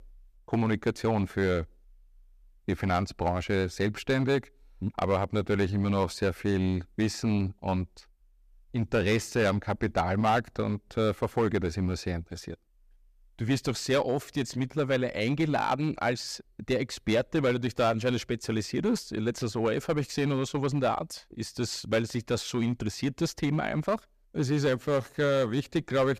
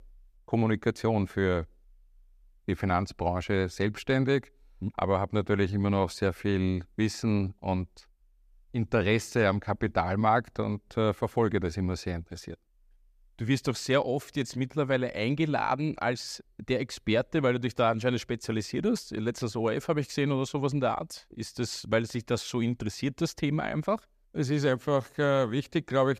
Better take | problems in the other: second | distortion; slight; 5% of the sound clipped

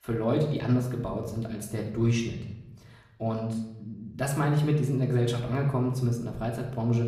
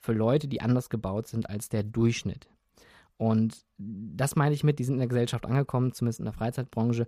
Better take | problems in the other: second | room echo; slight; dies away in 0.8 s // off-mic speech; somewhat distant

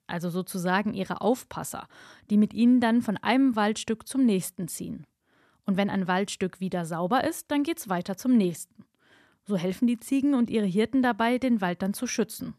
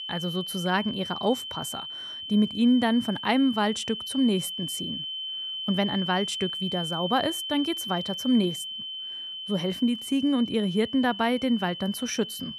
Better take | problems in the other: first | high-pitched whine; loud; throughout; 3 kHz, 6 dB below the speech

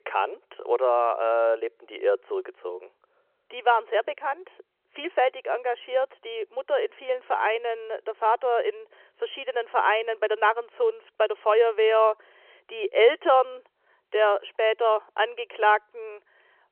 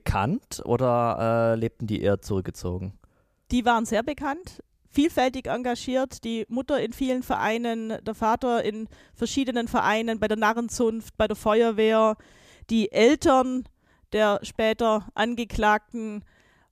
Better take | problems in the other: second | phone-call audio

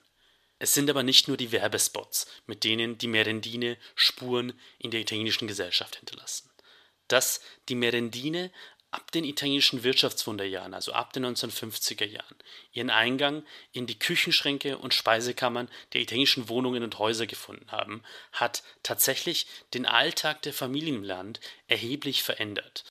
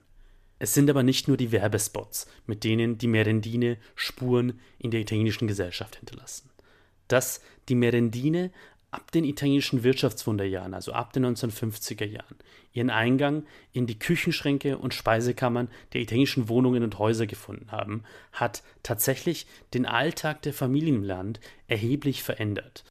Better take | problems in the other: second | thin; somewhat; fading below 750 Hz

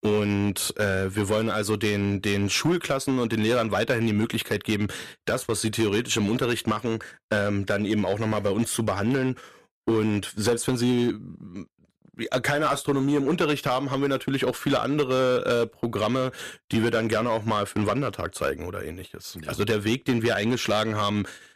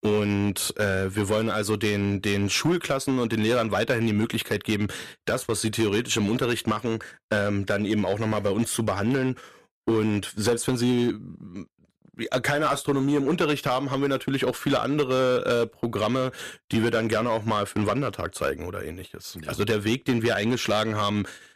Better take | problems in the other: neither | distortion; slight; 6% of the sound clipped; the same in both

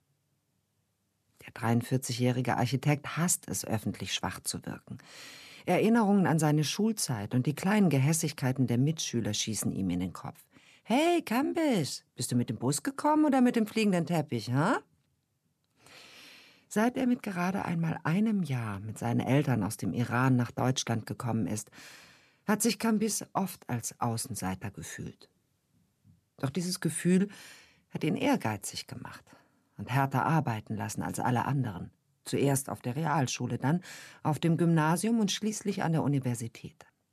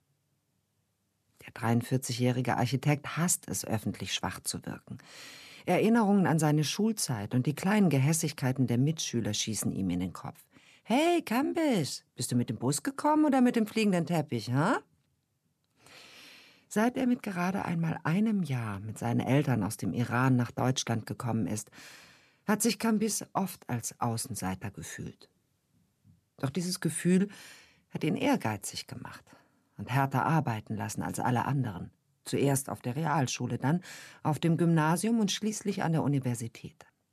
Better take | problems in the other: neither | none

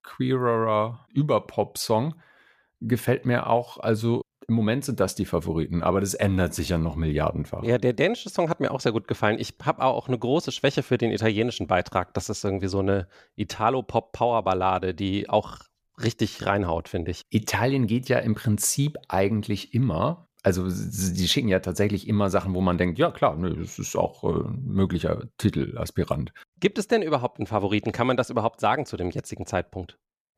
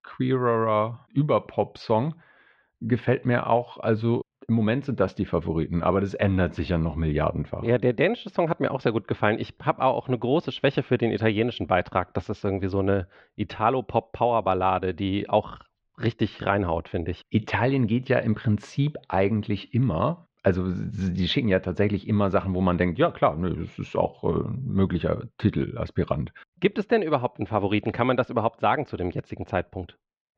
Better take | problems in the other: first | muffled; very; fading above 3.5 kHz

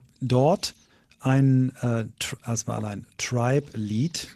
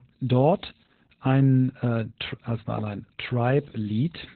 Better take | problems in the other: first | garbled, watery; badly; nothing above 4 kHz; slightly in the first

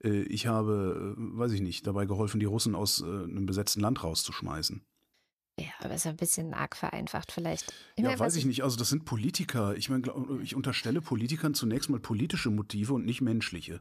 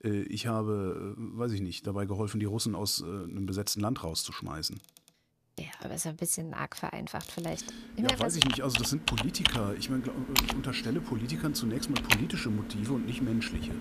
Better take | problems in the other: first | household noises; very loud; throughout; 1 dB above the speech

